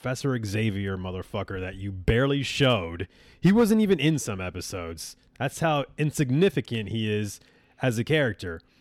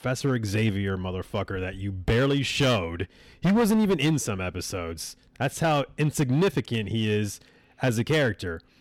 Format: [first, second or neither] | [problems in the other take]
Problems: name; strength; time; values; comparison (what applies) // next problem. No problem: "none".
first | distortion; slight; 7% of the sound clipped